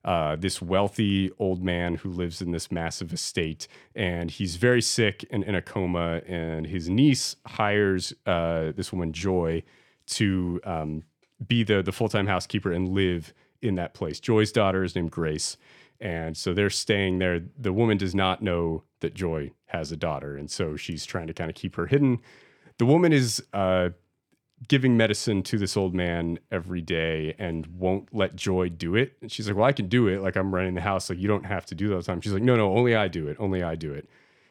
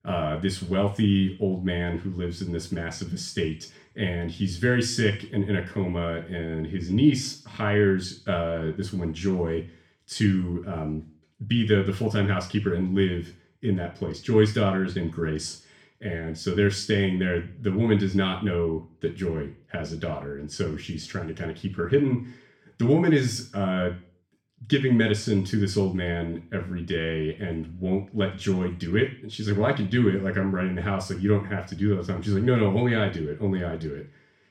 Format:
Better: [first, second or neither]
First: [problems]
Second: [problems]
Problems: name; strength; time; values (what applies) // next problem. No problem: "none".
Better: first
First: none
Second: room echo; slight; dies away in 0.4 s // off-mic speech; far